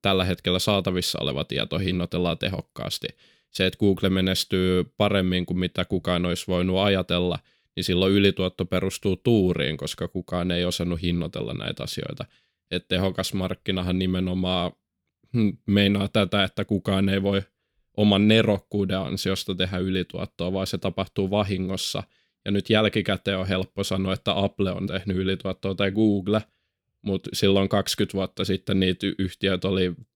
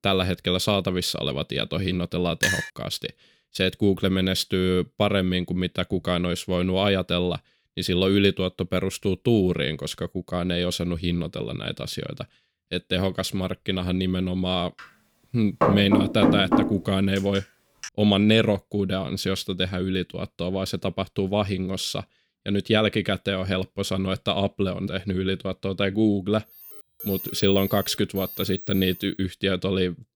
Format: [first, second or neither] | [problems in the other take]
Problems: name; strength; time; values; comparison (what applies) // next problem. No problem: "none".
first | clattering dishes; loud; at 2.5 s; peak level with the speech // door banging; loud; from 16 to 18 s; peak 5 dB above the speech // alarm; noticeable; from 26 to 29 s; peak 8 dB below the speech